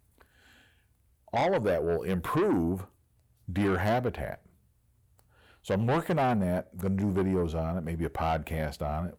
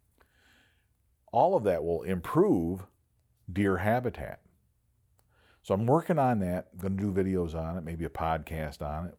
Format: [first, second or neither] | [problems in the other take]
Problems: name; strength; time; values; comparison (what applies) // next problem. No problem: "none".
second | distortion; heavy; 8 dB below the speech